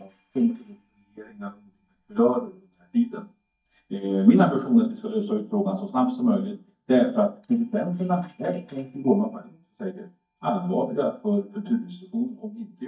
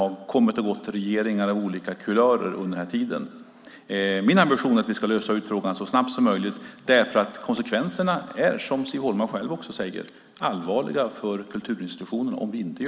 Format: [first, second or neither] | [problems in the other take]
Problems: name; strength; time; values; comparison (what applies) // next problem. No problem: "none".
second | noise reduction (neural mask model DeepFilterNet 3)